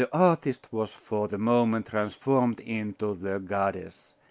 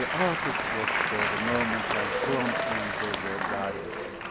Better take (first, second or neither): first